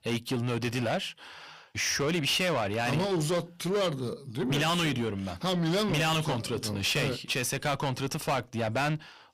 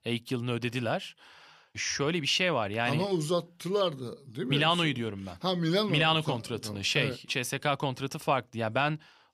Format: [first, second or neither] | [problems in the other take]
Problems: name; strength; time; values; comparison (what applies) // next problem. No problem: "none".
second | distortion; heavy; 7 dB below the speech